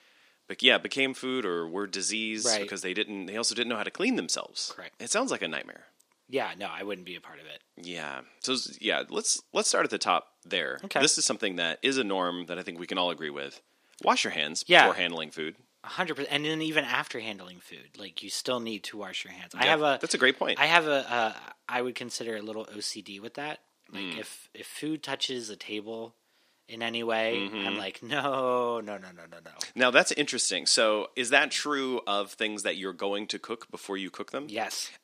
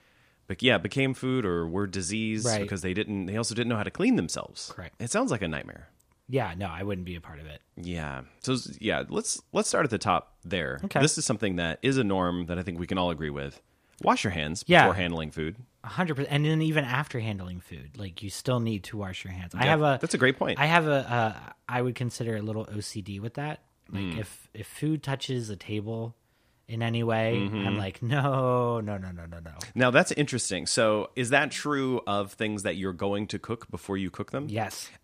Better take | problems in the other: second | thin; somewhat; fading below 250 Hz

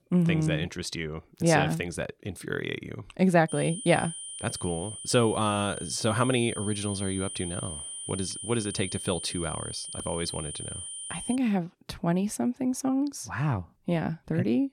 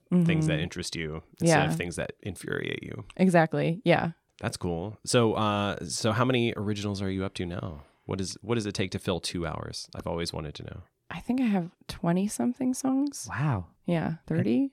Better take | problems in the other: second | high-pitched whine; loud; from 3.5 to 11 s; 9.5 kHz, 8 dB below the speech

